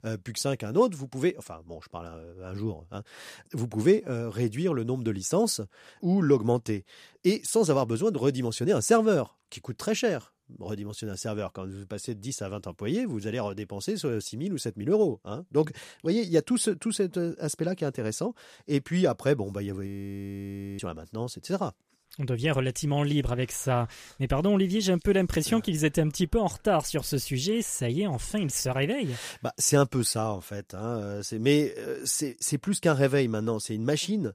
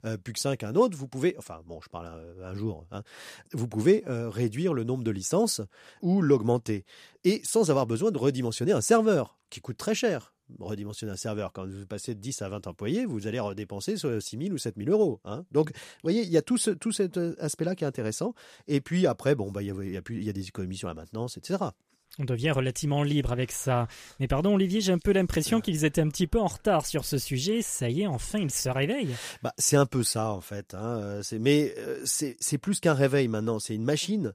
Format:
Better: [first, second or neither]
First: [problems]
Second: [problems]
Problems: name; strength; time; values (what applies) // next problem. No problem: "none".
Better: second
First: audio freezing; at 20 s for 1 s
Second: none